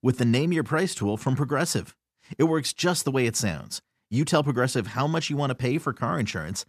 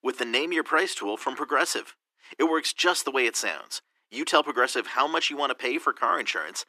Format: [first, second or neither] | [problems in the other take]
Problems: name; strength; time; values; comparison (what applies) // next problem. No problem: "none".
first | thin; very; fading below 300 Hz